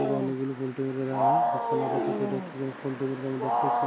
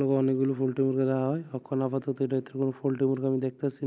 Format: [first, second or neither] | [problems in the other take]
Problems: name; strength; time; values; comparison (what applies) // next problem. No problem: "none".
second | background sound (Wild animals); 3 dB above the speech